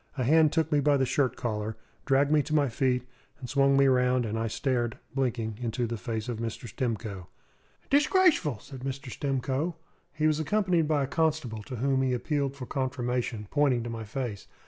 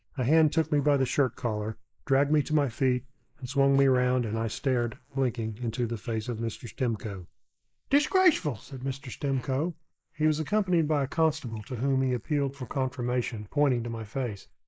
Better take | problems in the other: first | noise reduction (neural mask model Resemble Enhance denoiser)

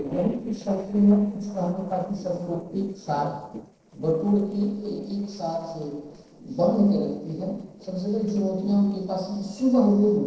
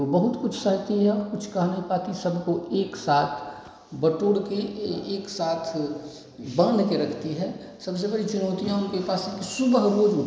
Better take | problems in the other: second | noise reduction (neural separator model SepFormer DNS4)

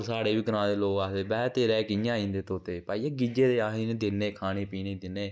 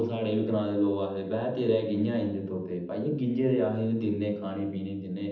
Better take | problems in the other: first | room echo; dies away in 0.8 s

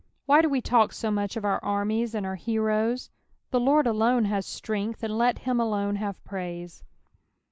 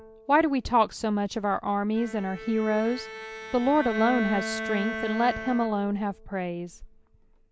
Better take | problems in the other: first | background sound (Bowed string instrument); 10 dB below the speech

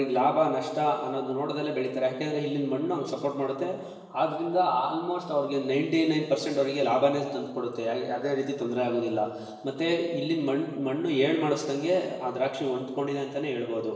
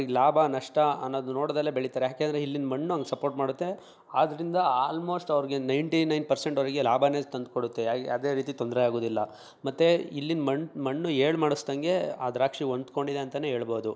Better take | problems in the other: second | room echo; dies away in 1.2 s

